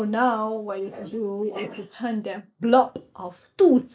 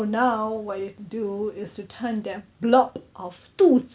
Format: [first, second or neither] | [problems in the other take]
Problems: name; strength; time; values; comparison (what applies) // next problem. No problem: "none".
second | noise reduction (neural mask model Resemble Enhance denoiser)